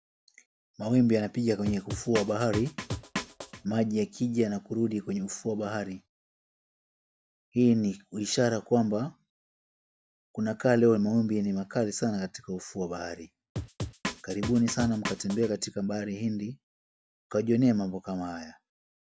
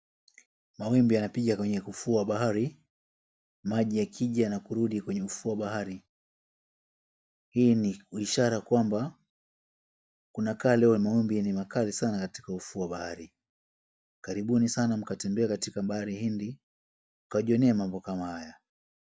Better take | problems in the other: second | background sound (Drum); 7 dB below the speech

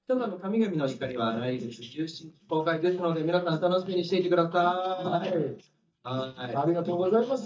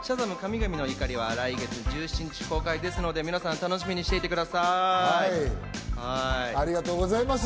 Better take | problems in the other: second | noise reduction (neural mask model DeepFilterNet 3)

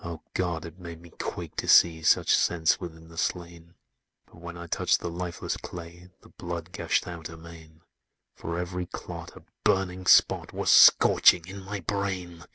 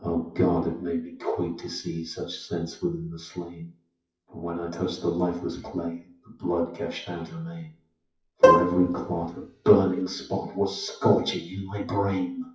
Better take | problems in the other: first | noise reduction (classical method WPE with log-MMSE)

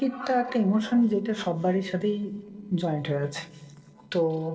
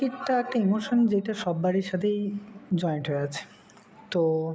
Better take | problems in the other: second | noise reduction (neural separator model SepFormer DNS4)

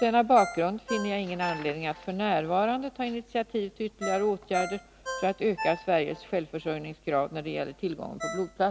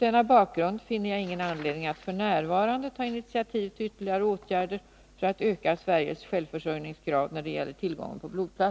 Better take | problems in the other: second | background sound (Ringtone); 12 dB below the speech

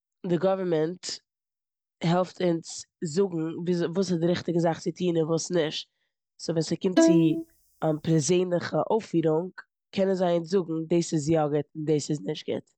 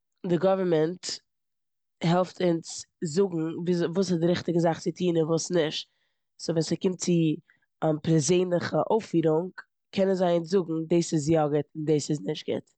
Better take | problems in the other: second | noise reduction (neural mask model DeepFilterNet 3)

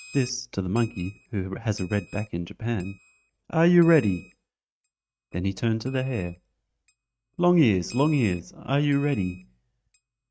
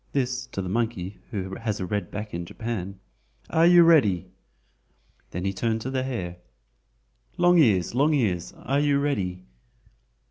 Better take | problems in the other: second | noise reduction (neural mask model RNNoise)

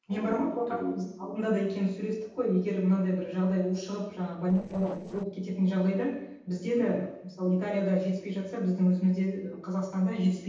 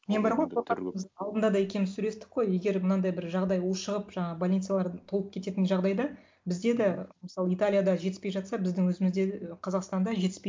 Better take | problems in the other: second | noise reduction (neural separator model SepFormer DNS4)

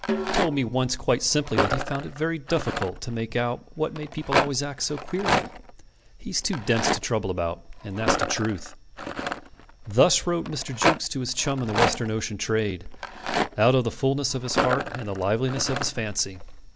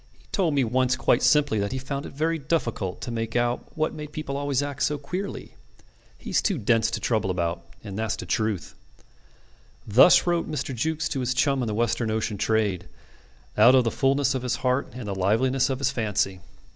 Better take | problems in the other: second | background sound (Snare drum + Rattle); 4 dB below the speech

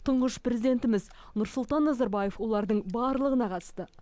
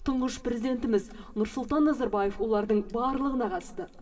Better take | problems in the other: first | room echo; dies away in 1.9 s

